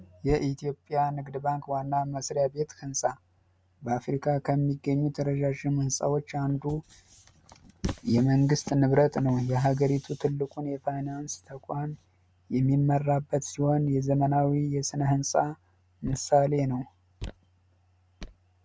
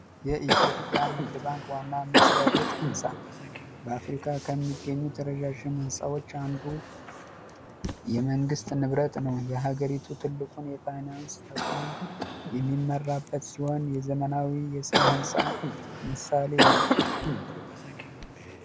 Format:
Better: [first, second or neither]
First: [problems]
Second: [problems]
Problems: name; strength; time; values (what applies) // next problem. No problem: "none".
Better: first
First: none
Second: background sound (Cough); 1 dB above the speech